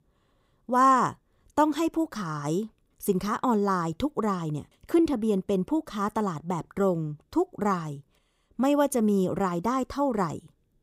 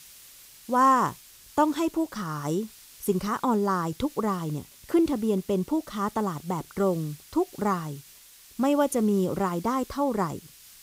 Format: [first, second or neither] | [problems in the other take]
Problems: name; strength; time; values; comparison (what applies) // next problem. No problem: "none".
first | hiss; faint; throughout; 20 dB below the speech